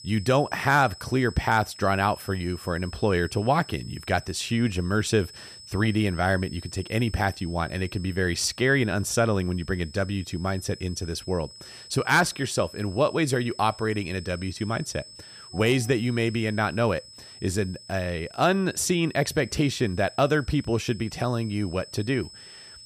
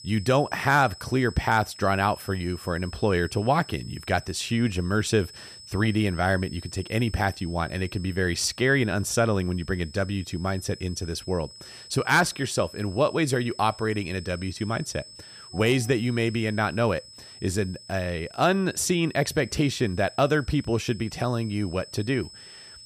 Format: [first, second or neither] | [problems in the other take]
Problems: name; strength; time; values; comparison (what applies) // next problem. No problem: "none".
neither | high-pitched whine; noticeable; throughout; 5 kHz, 20 dB below the speech; the same in both